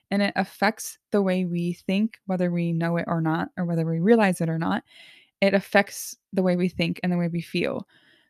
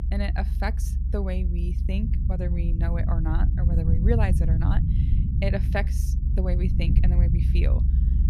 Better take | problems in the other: first | low rumble; loud; throughout; 5 dB below the speech

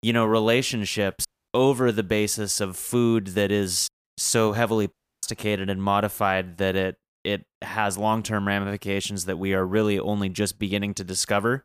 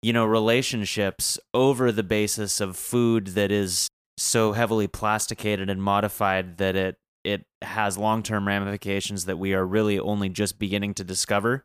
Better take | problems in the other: second | audio cutting out; at 1.5 s and at 5 s

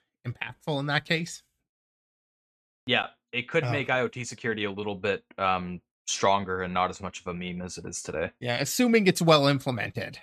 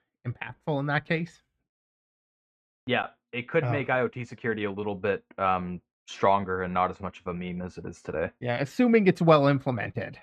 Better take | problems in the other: first | muffled; very; fading above 3.5 kHz

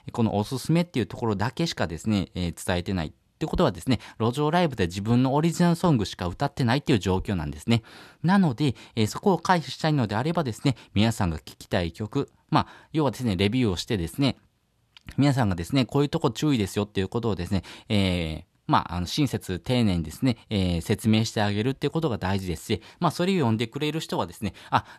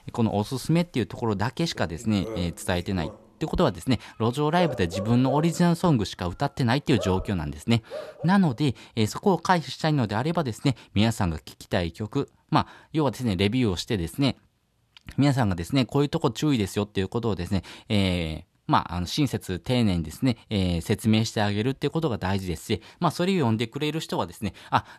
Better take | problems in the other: first | animal sounds; noticeable; until 8 s; 15 dB below the speech

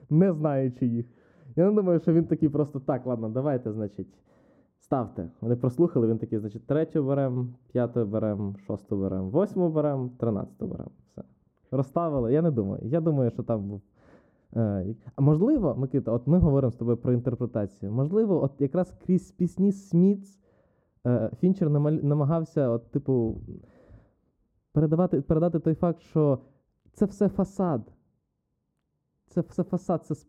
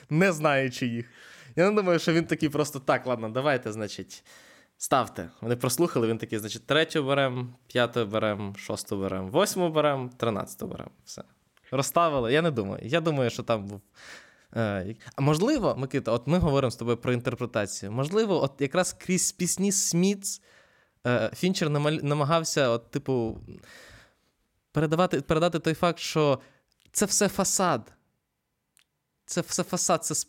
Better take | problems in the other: second | muffled; very; fading above 1 kHz

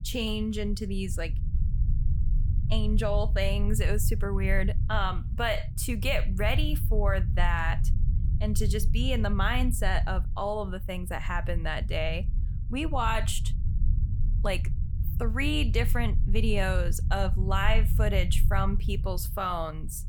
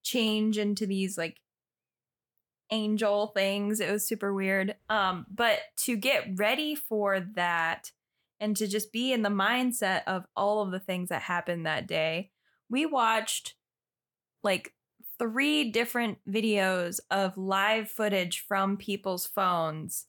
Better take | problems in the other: second | low rumble; noticeable; throughout; 15 dB below the speech

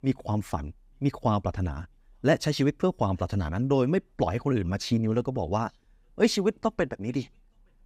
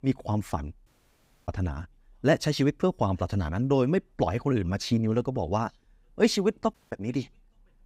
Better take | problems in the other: first | audio cutting out; at 1 s for 0.5 s and at 6.5 s

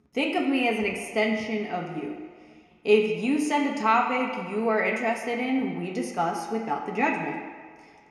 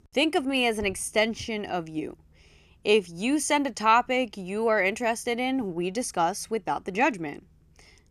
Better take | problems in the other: second | room echo; noticeable; dies away in 1.6 s // off-mic speech; somewhat distant

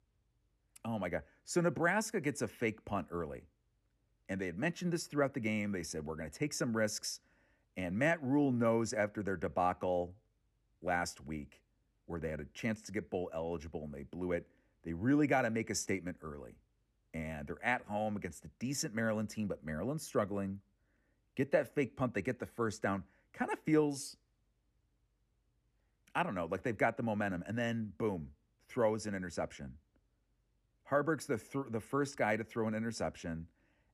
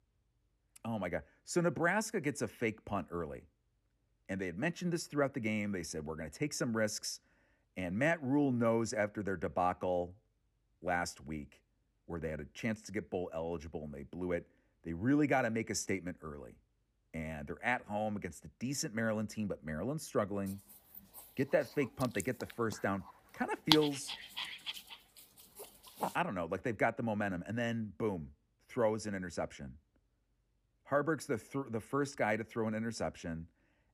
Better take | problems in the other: first | dog barking; loud; from 22 to 26 s; peak 6 dB above the speech

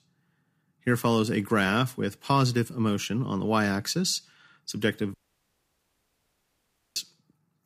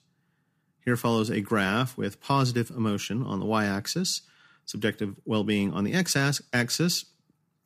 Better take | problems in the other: second | audio cutting out; at 5 s for 2 s

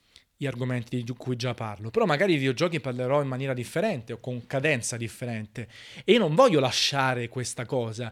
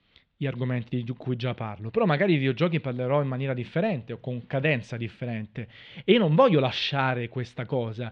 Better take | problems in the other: first | muffled; slightly; fading above 3.5 kHz

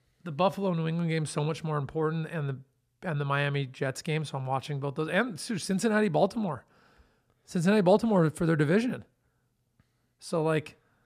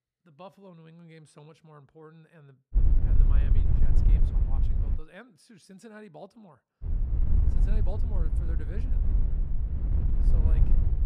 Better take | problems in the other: first | wind noise on the microphone; heavy; from 3 to 5 s and from 7 s on; 4 dB above the speech

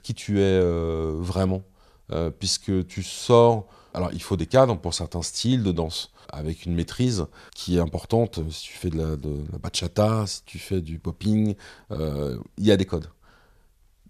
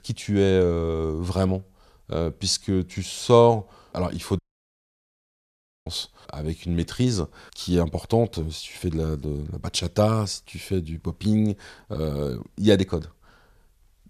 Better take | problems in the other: first | audio cutting out; at 4.5 s for 1.5 s

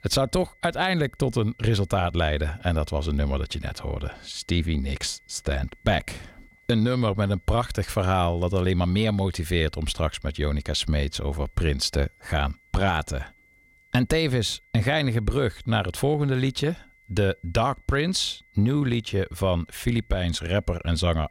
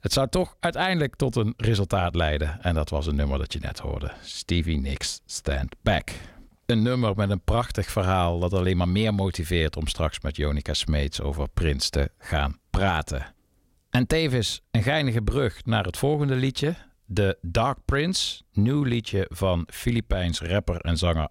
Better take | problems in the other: second | high-pitched whine; faint; throughout; 2 kHz, 30 dB below the speech

